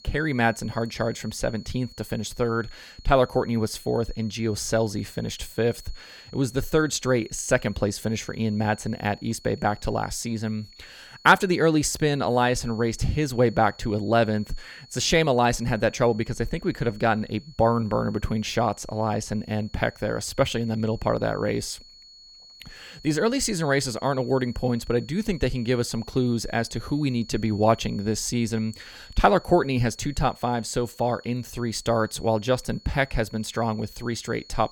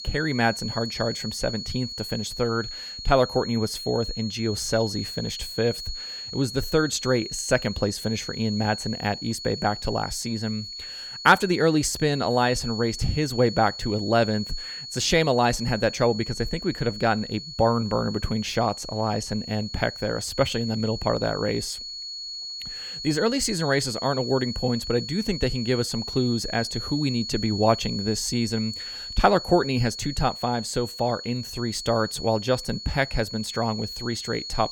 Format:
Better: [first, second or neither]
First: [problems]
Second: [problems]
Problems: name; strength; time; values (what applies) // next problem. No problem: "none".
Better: first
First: high-pitched whine; faint; throughout; 4.5 kHz, 20 dB below the speech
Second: high-pitched whine; loud; throughout; 4.5 kHz, 8 dB below the speech